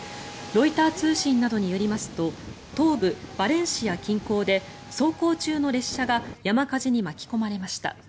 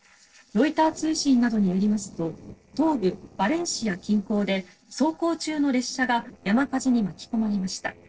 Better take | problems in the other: first | noise reduction (neural separator model SepFormer DNS4)

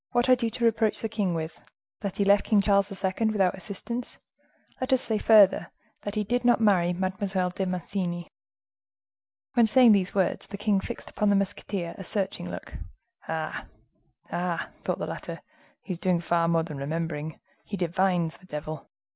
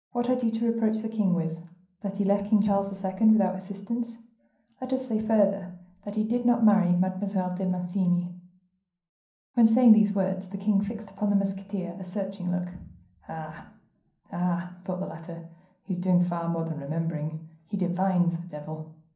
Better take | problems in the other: first | room echo; dies away in 0.6 s

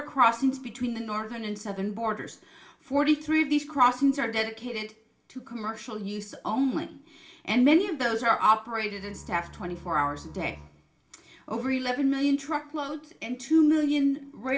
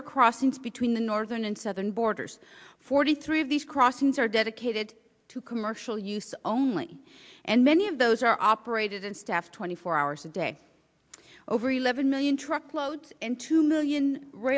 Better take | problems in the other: second | background sound (Bowed string instrument); 19 dB below the speech // room echo; dies away in 0.3 s

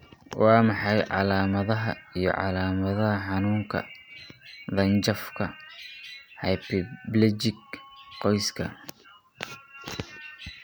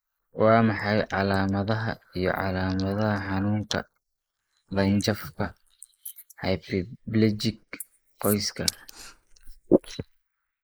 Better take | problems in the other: first | noise reduction (neural mask model Resemble Enhance denoiser)

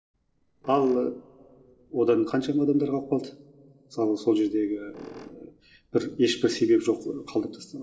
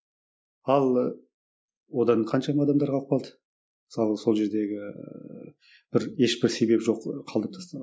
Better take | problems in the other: second | noise reduction (neural separator model SepFormer DNS4)

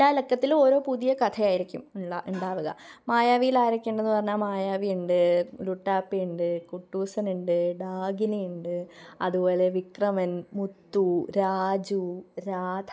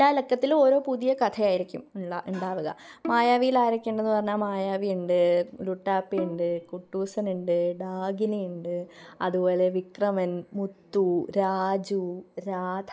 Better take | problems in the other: first | background sound (Bowed string instrument); 16 dB below the speech

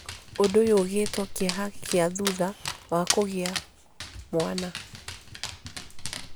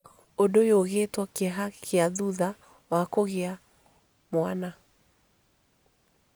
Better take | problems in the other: second | background sound (Dog); 7 dB below the speech

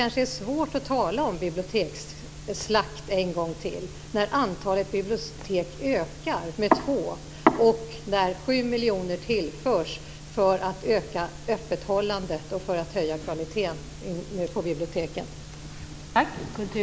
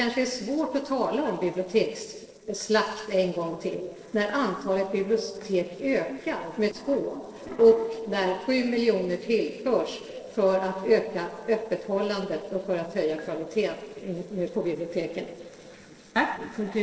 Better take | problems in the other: first | noise reduction (neural separator model SepFormer DNS4)

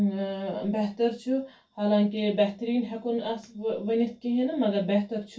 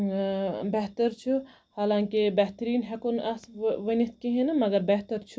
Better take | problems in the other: second | room echo; dies away in 0.2 s

